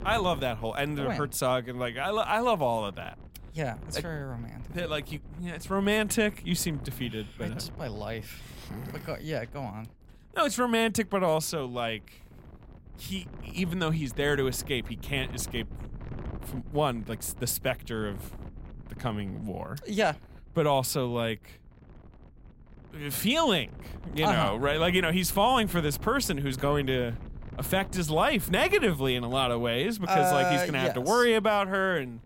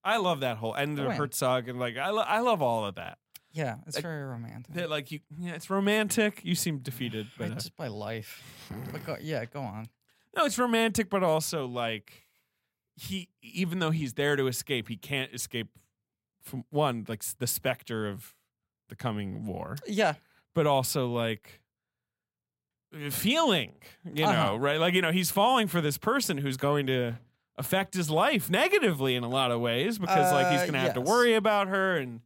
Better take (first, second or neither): second